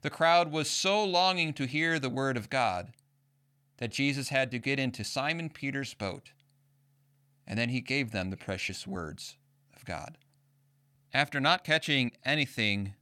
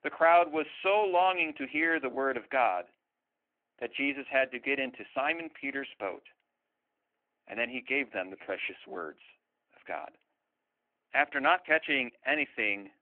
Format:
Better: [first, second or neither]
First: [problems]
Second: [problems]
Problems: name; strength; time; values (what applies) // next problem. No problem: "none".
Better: first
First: none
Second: phone-call audio